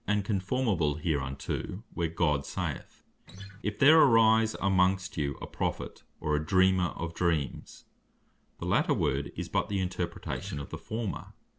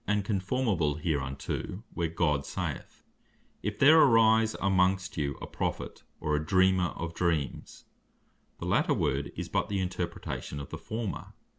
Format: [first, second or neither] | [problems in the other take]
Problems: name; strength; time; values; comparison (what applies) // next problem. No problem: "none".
second | background sound (Acoustic guitar); 13 dB below the speech